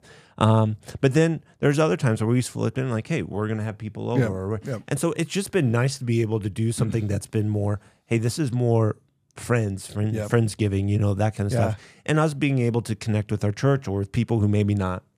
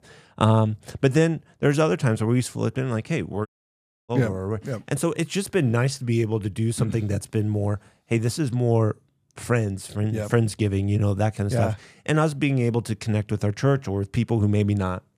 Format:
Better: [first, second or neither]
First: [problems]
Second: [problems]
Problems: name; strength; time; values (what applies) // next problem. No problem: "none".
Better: first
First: none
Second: audio cutting out; at 3.5 s for 0.5 s